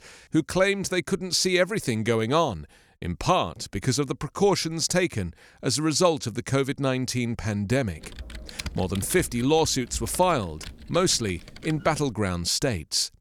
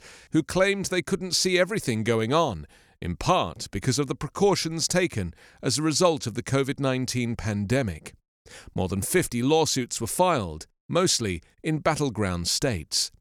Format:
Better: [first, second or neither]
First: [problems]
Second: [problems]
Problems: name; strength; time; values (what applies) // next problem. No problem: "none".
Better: second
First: keyboard typing; faint; from 8 to 12 s; peak 10 dB below the speech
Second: none